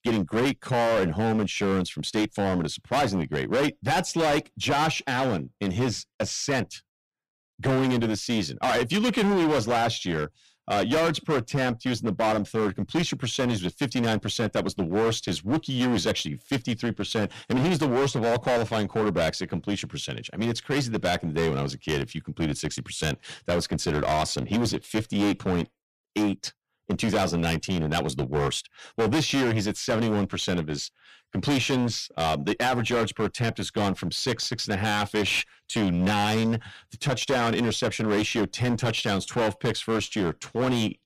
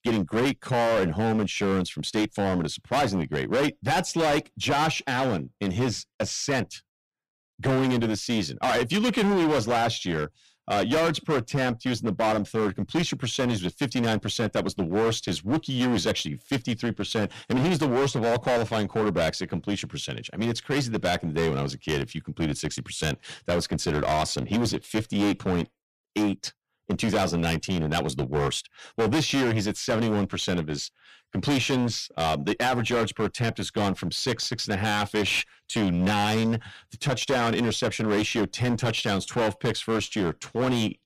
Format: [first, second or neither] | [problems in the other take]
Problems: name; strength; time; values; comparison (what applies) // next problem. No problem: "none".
neither | distortion; heavy; 16% of the sound clipped; the same in both